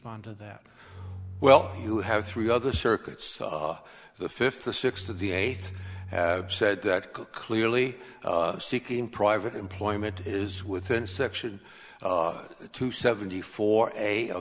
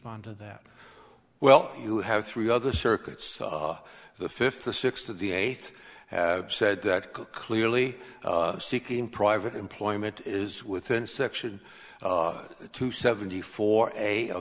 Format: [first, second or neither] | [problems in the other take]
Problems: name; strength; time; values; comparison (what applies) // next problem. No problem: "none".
second | background sound (Bowed string instrument); 12 dB below the speech